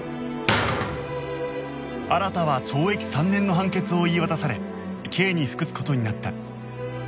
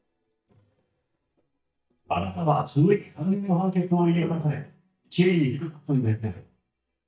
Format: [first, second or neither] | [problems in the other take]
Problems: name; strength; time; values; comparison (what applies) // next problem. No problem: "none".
first | noise reduction (neural mask model DeepFilterNet 3)